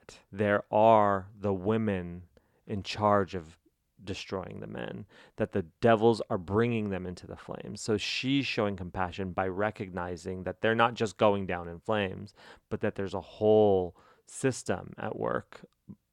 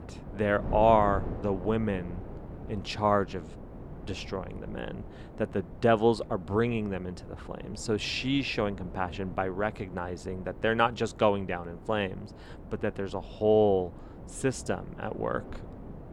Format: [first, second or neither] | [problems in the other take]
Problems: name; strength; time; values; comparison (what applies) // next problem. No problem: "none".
first | wind noise on the microphone; occasional gusts; 20 dB below the speech